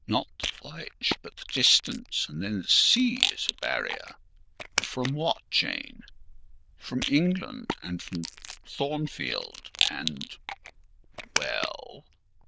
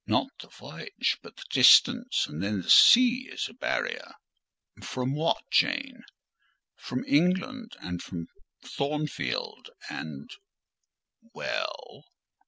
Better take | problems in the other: second | noise reduction (neural diffusion model UNIVERSE++)

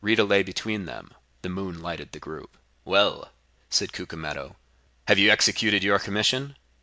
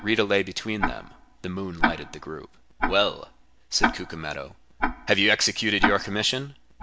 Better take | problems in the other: first | background sound (Tick-tock); 3 dB below the speech

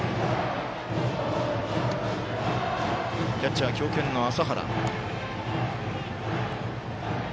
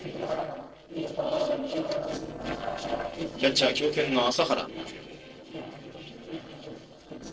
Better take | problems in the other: first | noise reduction (neural separator model SepFormer DNS4)

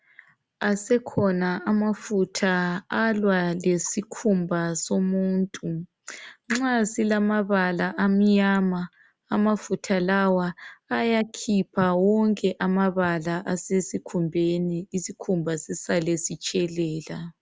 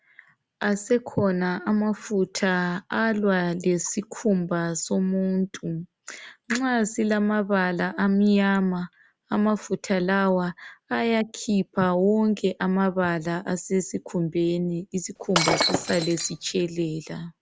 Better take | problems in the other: first | background sound (Shatter); 2 dB below the speech

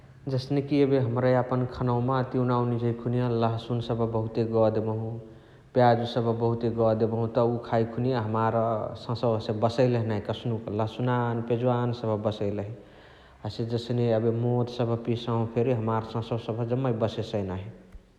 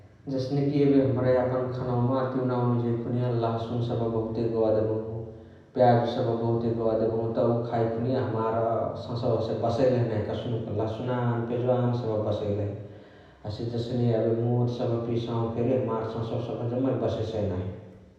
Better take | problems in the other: first | room echo; dies away in 0.8 s

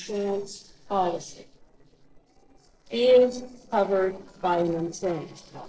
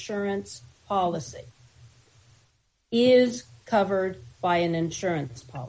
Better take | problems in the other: second | noise reduction (neural separator model SepFormer DNS4)

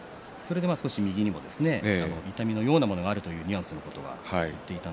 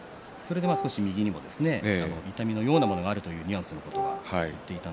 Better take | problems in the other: first | background sound (Wind instrument, woodwind instrument); 5 dB below the speech

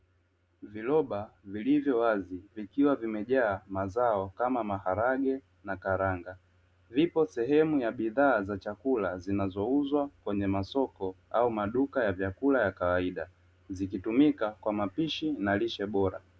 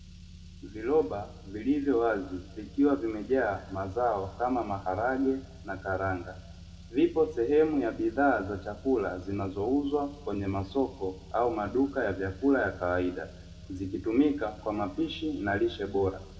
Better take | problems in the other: first | background sound (Car); 18 dB below the speech // room echo; dies away in 1.2 s

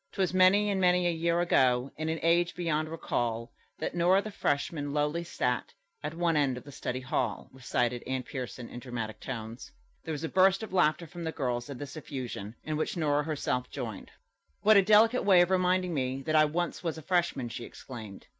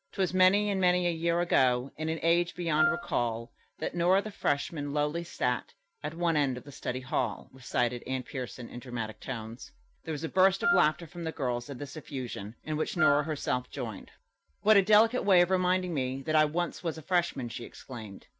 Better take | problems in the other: first | background sound (Wind instrument, woodwind instrument); 2 dB below the speech

